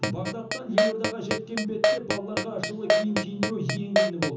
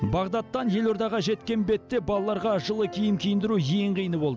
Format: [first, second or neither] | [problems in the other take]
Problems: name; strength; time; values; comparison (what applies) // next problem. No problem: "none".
second | background sound (Keyboard (musical)); 4 dB above the speech // room echo; dies away in 0.7 s